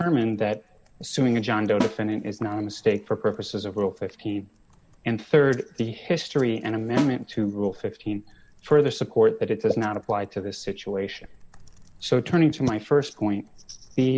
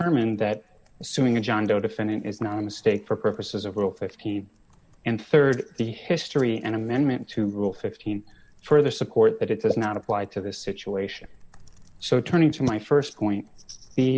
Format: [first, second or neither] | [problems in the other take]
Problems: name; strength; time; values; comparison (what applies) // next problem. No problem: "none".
second | background sound (Snare drum); 9 dB below the speech